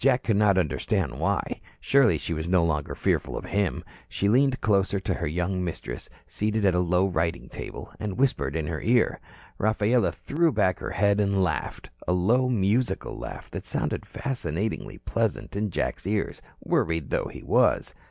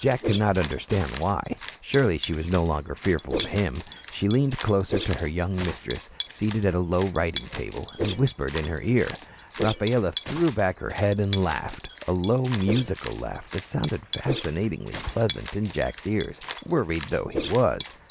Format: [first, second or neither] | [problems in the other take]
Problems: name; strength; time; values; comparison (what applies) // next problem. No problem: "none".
first | background sound (Whoosh, swoosh, swish + Cat); 11 dB below the speech